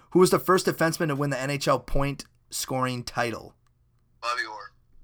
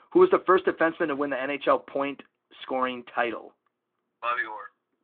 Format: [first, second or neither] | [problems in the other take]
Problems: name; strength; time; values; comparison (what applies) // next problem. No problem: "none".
first | phone-call audio; nothing above 3.5 kHz